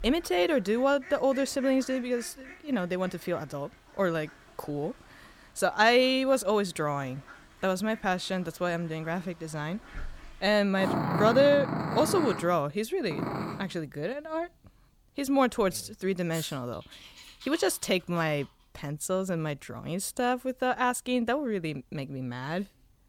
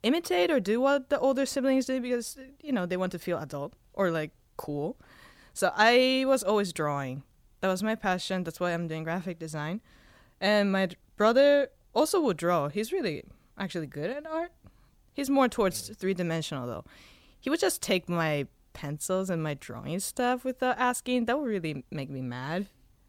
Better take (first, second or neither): second